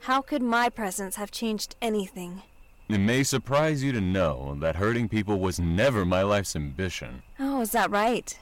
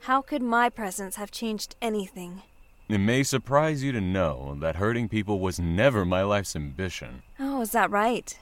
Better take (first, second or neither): second